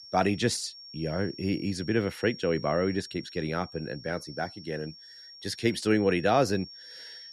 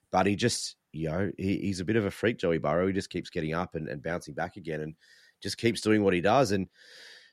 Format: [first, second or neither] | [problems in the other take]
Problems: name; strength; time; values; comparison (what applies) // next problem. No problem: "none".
second | high-pitched whine; noticeable; throughout; 5.5 kHz, 15 dB below the speech